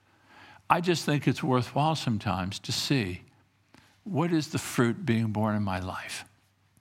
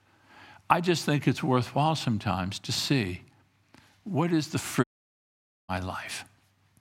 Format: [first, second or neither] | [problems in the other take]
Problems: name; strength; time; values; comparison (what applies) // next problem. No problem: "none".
first | audio cutting out; at 5 s for 1 s